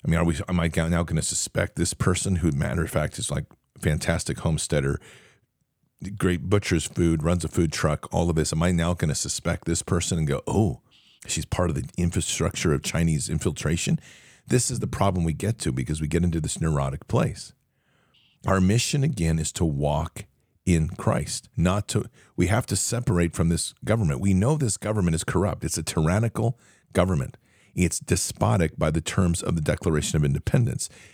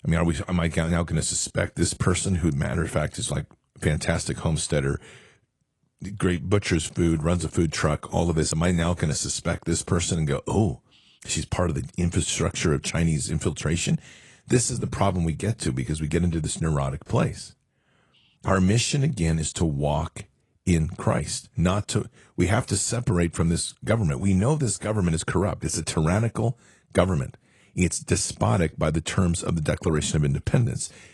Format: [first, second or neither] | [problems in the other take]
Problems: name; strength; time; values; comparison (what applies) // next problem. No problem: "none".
first | garbled, watery; slightly